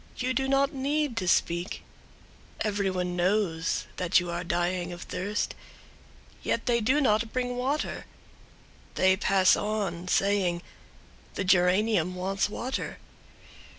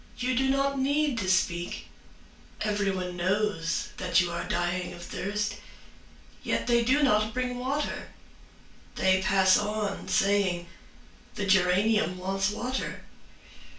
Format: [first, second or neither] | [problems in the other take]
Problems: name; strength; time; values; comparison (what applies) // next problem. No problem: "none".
first | room echo; dies away in 0.3 s